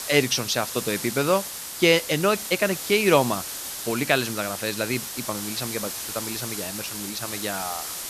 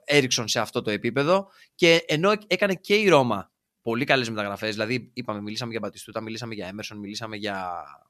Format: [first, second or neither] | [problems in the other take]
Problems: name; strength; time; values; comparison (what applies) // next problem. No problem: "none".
second | hiss; loud; throughout; 6 dB below the speech